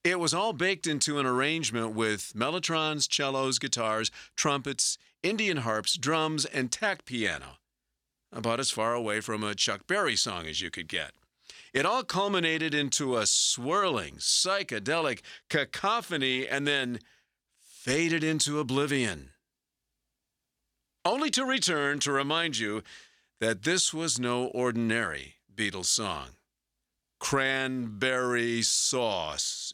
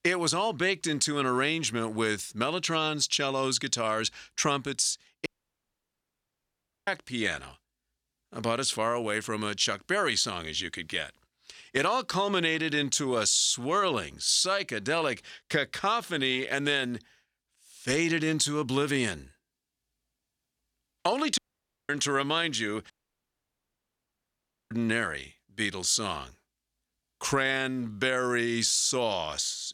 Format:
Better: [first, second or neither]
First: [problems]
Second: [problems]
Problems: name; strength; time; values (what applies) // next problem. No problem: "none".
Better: first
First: none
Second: audio cutting out; at 5.5 s for 1.5 s, at 21 s for 0.5 s and at 23 s for 2 s